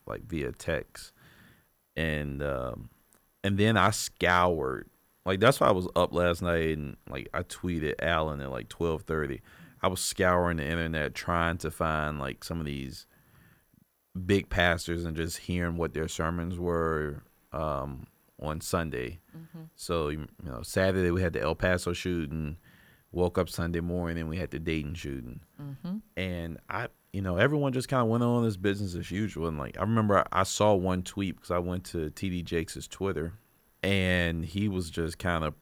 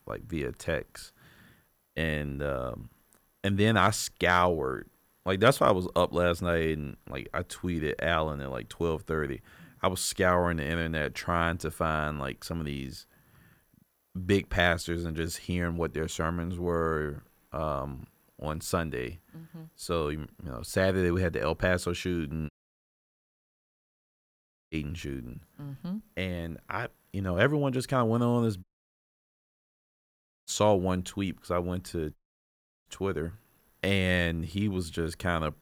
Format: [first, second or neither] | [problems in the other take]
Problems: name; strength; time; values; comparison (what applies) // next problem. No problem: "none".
first | audio cutting out; at 23 s for 2 s, at 29 s for 2 s and at 32 s for 0.5 s